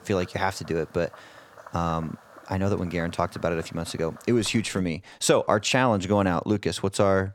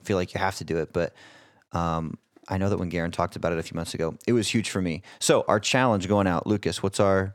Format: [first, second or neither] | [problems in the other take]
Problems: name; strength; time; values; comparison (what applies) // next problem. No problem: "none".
second | animal sounds; faint; until 5 s; 20 dB below the speech